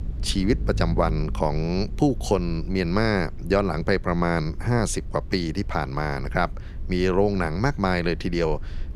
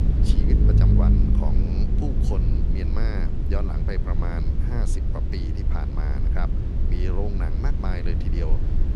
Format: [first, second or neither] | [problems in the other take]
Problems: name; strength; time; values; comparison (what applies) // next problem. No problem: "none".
first | low rumble; loud; throughout; as loud as the speech; faint in the first